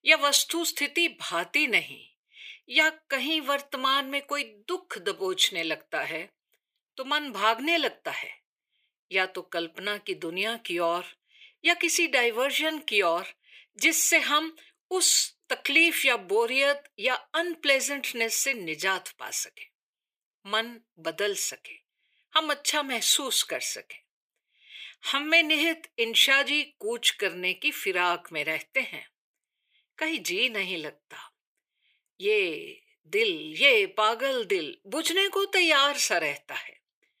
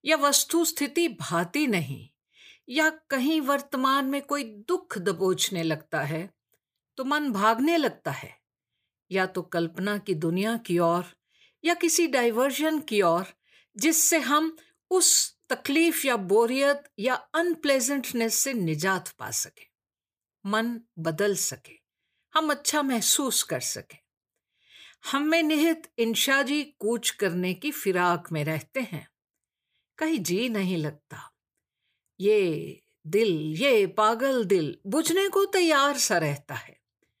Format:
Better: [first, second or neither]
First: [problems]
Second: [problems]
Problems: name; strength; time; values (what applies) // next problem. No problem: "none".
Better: second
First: thin; somewhat; fading below 450 Hz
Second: none